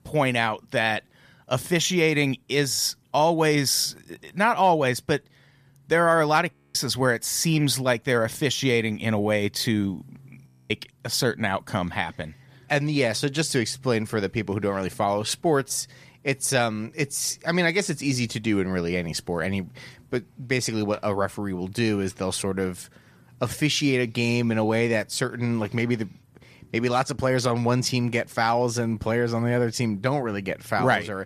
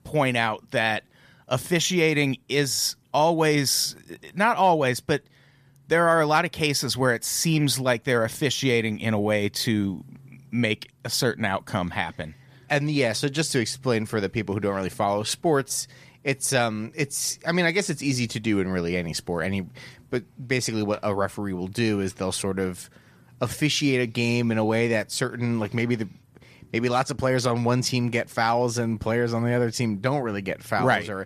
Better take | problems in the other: second | audio freezing; at 6.5 s and at 10 s

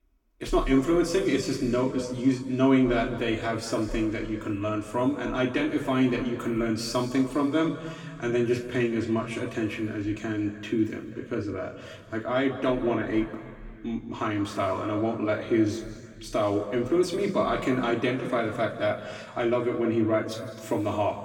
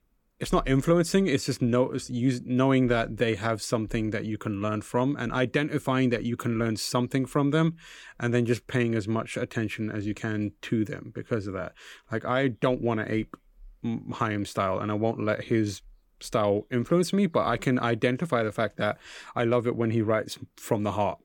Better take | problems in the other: second | room echo; noticeable; dies away in 1.9 s // off-mic speech; far

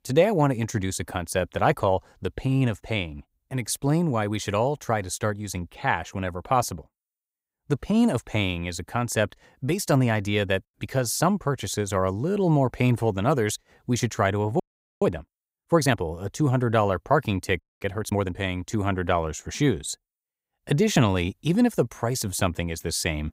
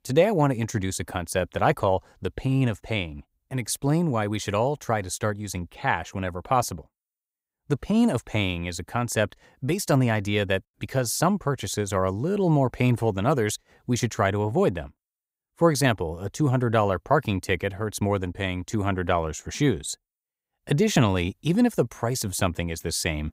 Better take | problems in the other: second | audio freezing; at 15 s and at 18 s

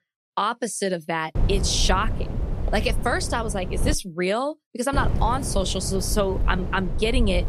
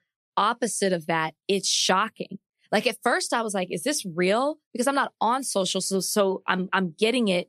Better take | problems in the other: second | wind noise on the microphone; occasional gusts; from 1.5 to 4 s and from 5 s on; 15 dB below the speech

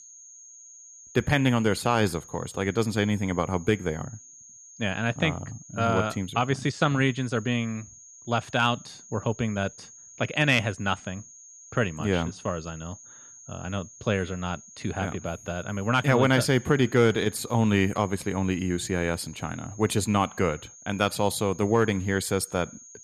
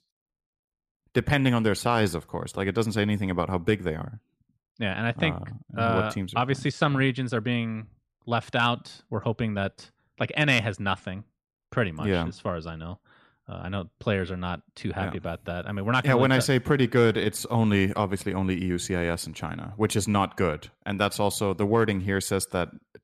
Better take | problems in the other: second | high-pitched whine; noticeable; throughout; 6.5 kHz, 20 dB below the speech

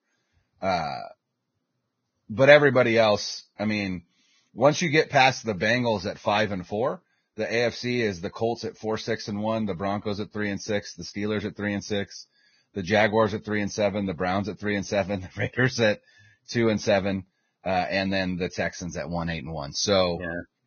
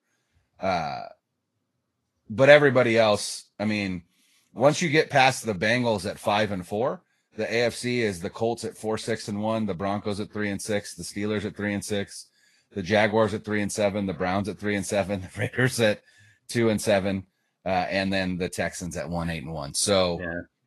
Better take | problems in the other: second | garbled, watery; badly; nothing above 6.5 kHz; slightly in the second

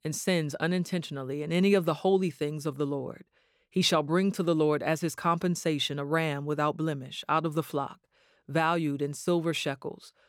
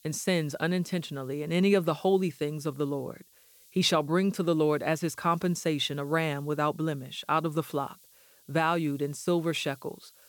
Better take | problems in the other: first | hiss; faint; throughout; 25 dB below the speech

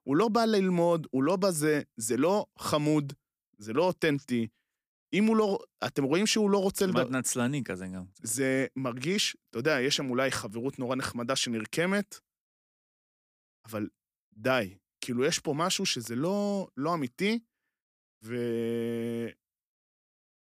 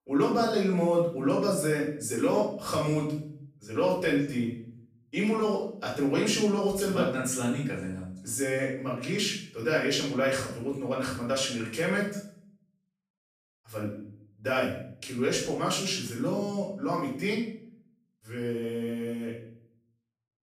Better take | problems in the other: first | off-mic speech; far // room echo; noticeable; dies away in 0.6 s

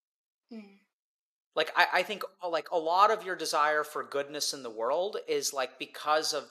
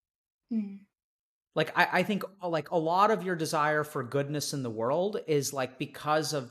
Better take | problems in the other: second | thin; very; fading below 500 Hz

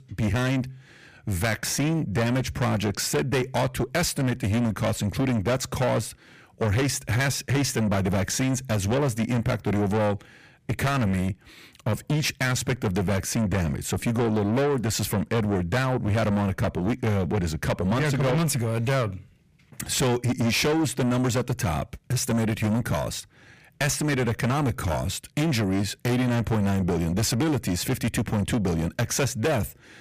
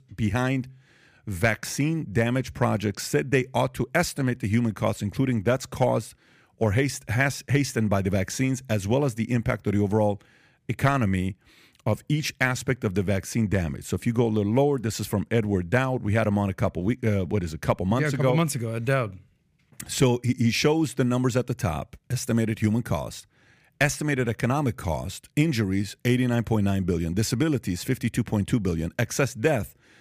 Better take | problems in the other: second | distortion; heavy; 6 dB below the speech

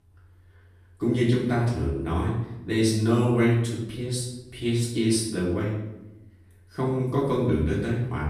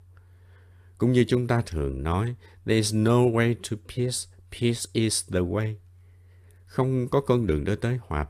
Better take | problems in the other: second | off-mic speech; far // room echo; noticeable; dies away in 0.7 s

